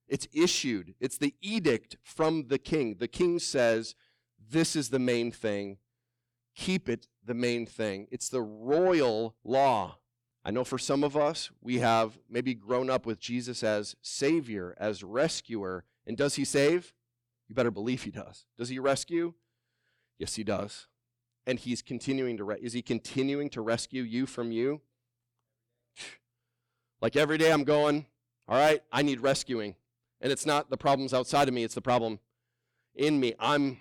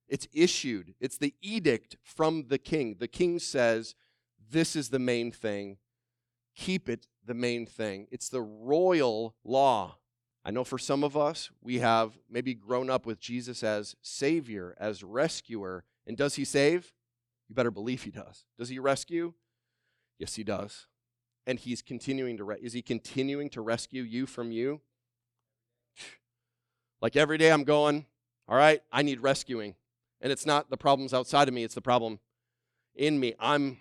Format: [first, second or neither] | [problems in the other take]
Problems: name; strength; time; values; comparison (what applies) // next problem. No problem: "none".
second | distortion; slight; 10 dB below the speech